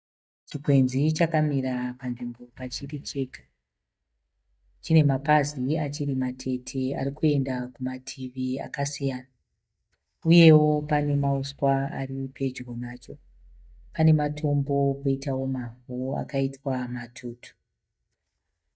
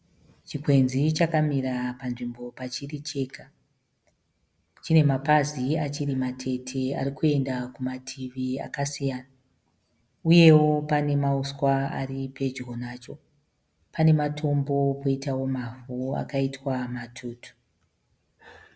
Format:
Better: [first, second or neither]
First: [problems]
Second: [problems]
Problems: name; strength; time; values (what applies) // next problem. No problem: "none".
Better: second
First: noise reduction (neural mask model DeepFilterNet 3)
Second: none